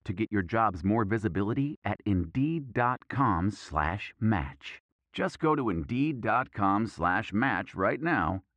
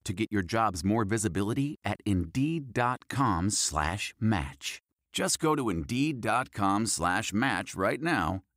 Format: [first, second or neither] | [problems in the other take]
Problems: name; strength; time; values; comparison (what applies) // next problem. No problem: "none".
second | muffled; very; fading above 2 kHz